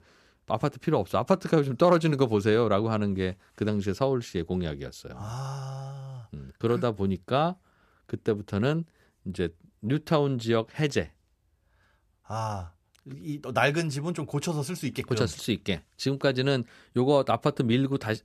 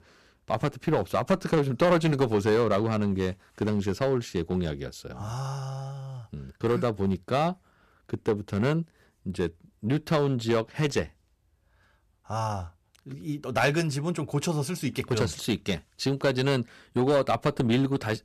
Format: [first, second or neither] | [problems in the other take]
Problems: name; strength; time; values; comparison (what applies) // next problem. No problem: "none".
first | distortion; slight; 3% of the sound clipped